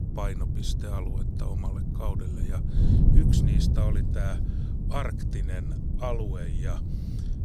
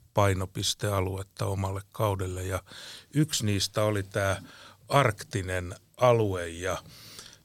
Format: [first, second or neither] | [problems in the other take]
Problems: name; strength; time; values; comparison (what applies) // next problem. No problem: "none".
second | wind noise on the microphone; heavy; 1 dB below the speech